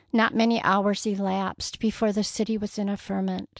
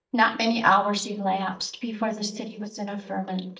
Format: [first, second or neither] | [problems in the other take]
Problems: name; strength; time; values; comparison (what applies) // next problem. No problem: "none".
first | noise reduction (neural mask model DeepFilterNet 3)